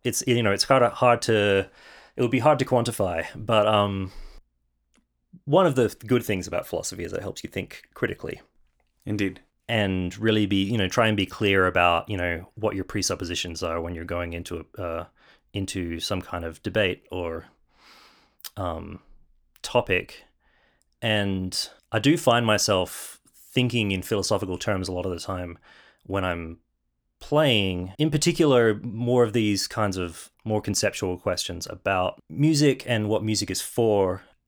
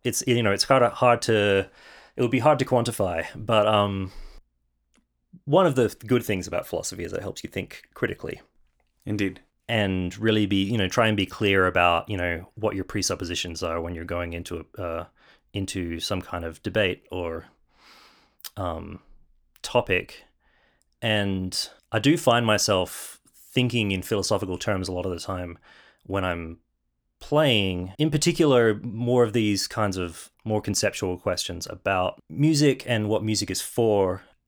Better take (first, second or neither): neither